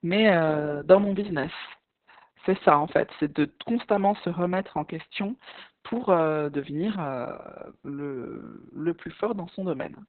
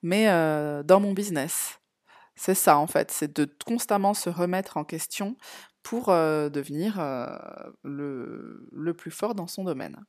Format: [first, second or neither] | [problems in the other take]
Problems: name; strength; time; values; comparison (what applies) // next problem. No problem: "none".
second | garbled, watery; badly; nothing above 4 kHz